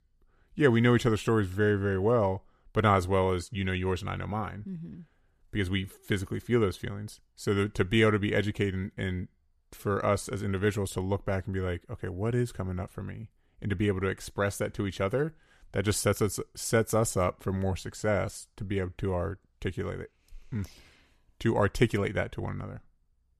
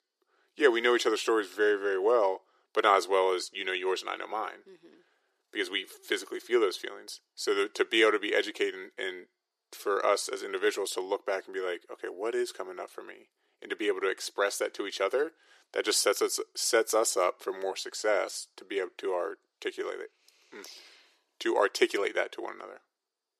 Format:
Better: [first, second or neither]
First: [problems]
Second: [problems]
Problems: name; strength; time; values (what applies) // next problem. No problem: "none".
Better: first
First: none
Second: thin; very; fading below 350 Hz